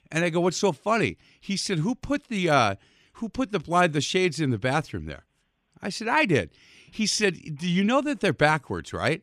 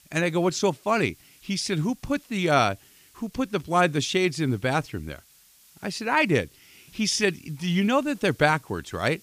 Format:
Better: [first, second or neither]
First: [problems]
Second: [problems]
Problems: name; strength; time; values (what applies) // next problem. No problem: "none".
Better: first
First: none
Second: hiss; faint; throughout; 30 dB below the speech